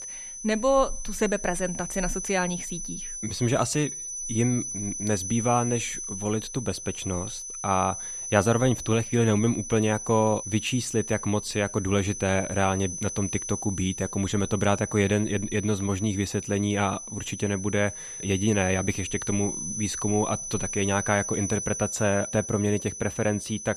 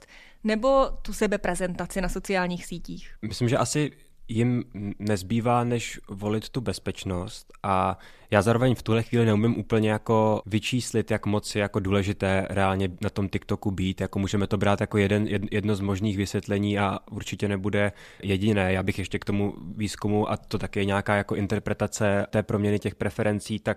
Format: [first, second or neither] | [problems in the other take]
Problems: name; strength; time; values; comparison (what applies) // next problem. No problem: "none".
second | high-pitched whine; loud; throughout; 6 kHz, 6 dB below the speech